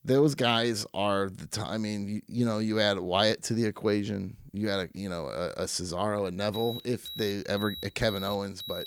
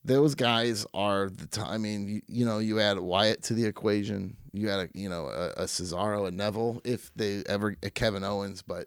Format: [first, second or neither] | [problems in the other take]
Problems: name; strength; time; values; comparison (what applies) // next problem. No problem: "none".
second | alarm; noticeable; from 6.5 s on; peak 9 dB below the speech